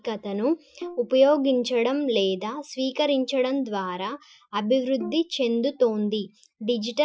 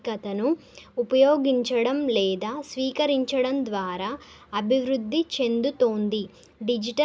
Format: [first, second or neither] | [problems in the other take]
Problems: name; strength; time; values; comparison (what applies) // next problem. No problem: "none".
second | noise reduction (classical method Wiener filter)